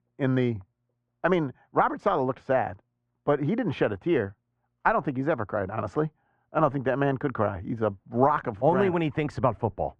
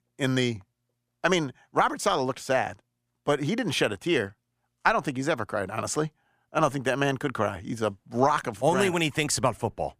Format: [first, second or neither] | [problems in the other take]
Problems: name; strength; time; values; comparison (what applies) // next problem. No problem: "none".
second | muffled; very; fading above 1.5 kHz